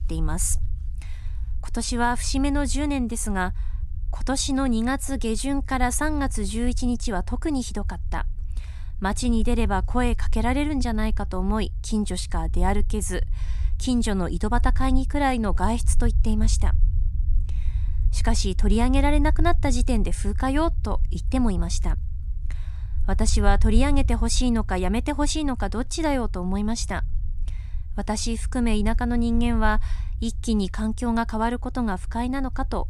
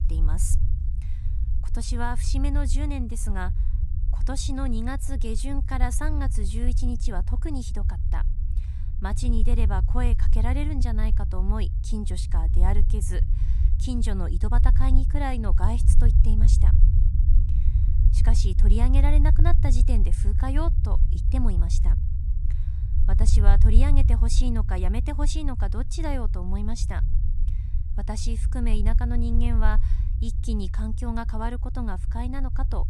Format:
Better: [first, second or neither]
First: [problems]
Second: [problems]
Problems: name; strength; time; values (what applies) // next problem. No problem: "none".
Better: first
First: low rumble; faint; throughout; 20 dB below the speech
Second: low rumble; loud; throughout; 9 dB below the speech